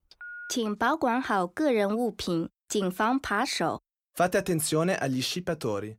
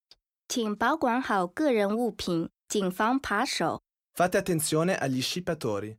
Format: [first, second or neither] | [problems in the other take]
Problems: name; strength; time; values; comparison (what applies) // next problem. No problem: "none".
second | phone ringing; faint; at the start; peak 15 dB below the speech